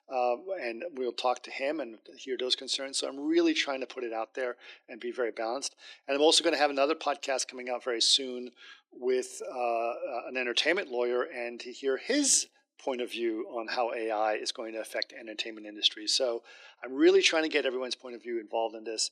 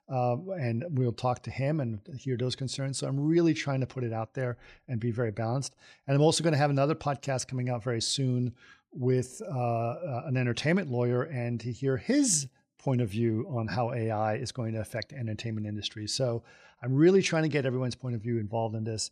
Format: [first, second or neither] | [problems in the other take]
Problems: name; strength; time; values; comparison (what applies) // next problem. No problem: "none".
second | thin; somewhat; fading below 300 Hz